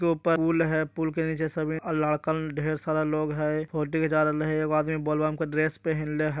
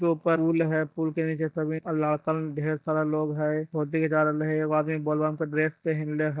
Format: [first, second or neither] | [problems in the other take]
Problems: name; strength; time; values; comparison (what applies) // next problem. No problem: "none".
first | noise reduction (neural mask model DeepFilterNet 3)